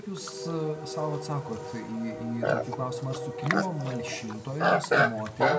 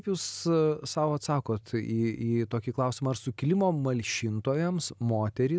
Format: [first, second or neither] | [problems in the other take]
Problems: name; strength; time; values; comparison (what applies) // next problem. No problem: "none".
second | background sound (Livestock, farm animals, working animals); 3 dB above the speech // room echo; dies away in 0.7 s